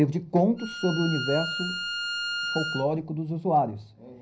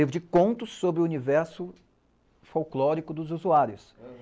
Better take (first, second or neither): second